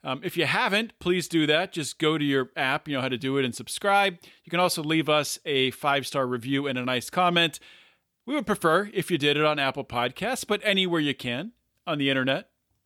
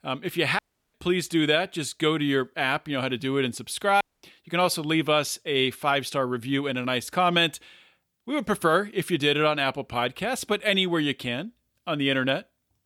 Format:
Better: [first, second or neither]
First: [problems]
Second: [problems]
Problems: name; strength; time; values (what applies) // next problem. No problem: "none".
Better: first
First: none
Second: audio cutting out; at 0.5 s and at 4 s